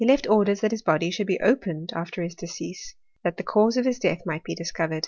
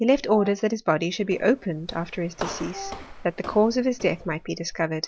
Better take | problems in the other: first | background sound (Walk, footsteps + Wind instrument, woodwind instrument); 15 dB below the speech

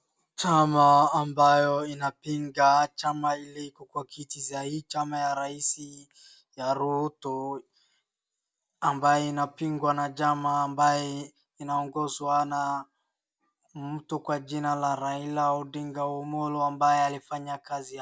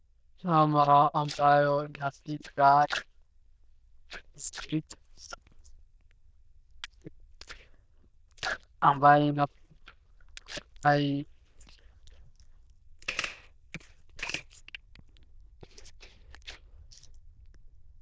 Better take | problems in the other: first | noise reduction (neural diffusion model UNIVERSE++)

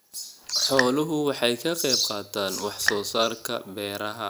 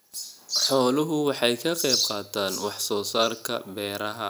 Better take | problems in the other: second | background sound (Raindrop); 7 dB below the speech

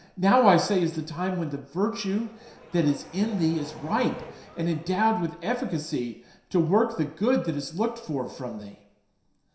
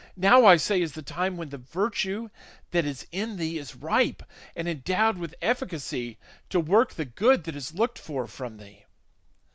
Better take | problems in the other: second | background sound (Accelerating, revving, vroom); 18 dB below the speech // room echo; dies away in 0.7 s

